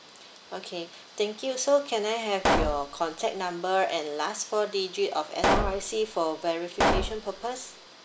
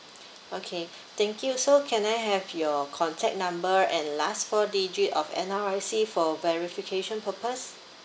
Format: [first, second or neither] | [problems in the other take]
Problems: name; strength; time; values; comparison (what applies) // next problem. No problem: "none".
second | background sound (Explosion); 1 dB above the speech